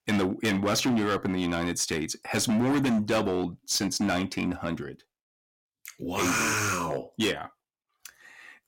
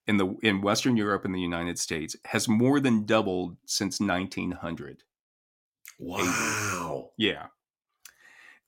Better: second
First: distortion; heavy; 11% of the sound clipped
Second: none

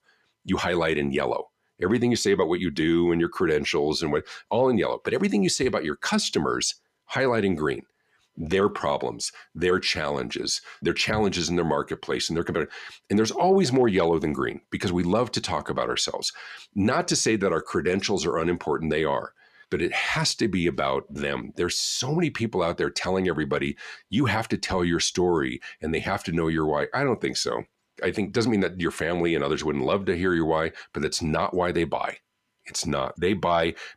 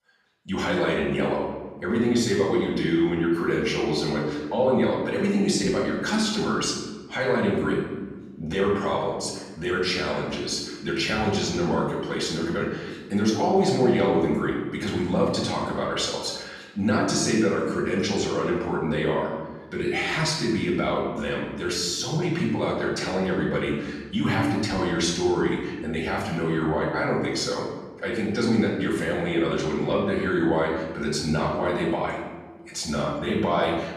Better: first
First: none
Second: off-mic speech; far // room echo; noticeable; dies away in 1.1 s

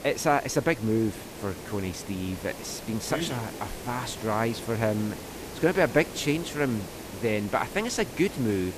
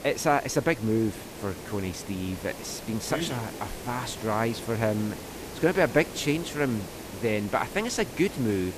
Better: neither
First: hiss; noticeable; throughout; 10 dB below the speech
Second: hiss; noticeable; throughout; 10 dB below the speech

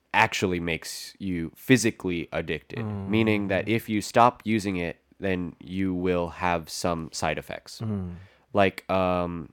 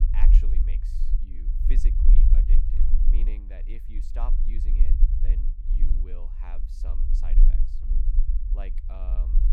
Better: first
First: none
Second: low rumble; loud; throughout; 1 dB below the speech

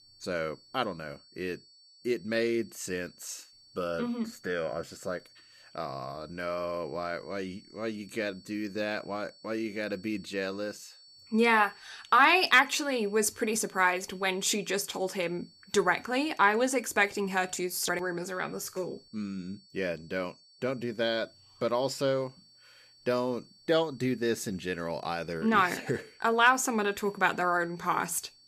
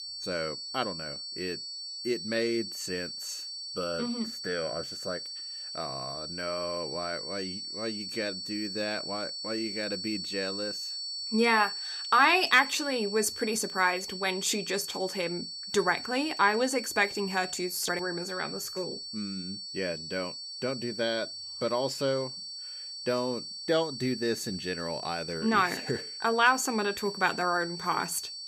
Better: first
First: high-pitched whine; faint; throughout; 4.5 kHz, 25 dB below the speech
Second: high-pitched whine; loud; throughout; 4.5 kHz, 6 dB below the speech

